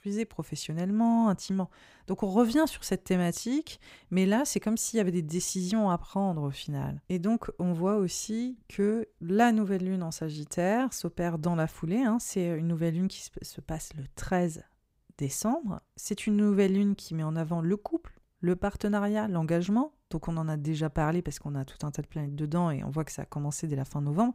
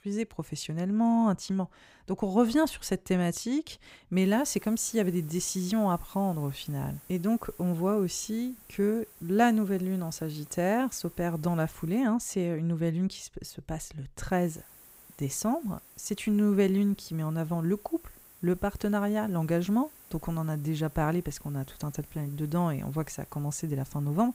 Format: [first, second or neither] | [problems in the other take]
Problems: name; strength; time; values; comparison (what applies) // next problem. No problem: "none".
first | hiss; faint; from 4 to 12 s and from 14 s on; 20 dB below the speech